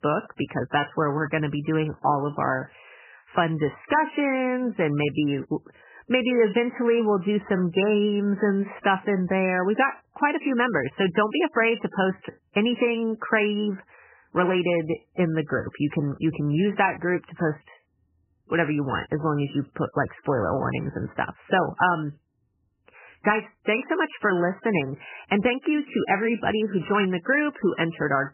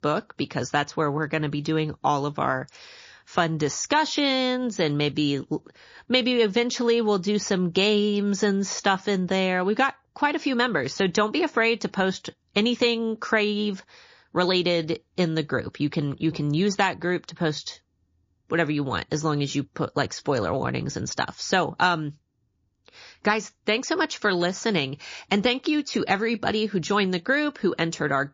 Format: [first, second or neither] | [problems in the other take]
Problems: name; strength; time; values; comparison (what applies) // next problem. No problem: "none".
second | garbled, watery; badly; nothing above 3 kHz; slightly in the second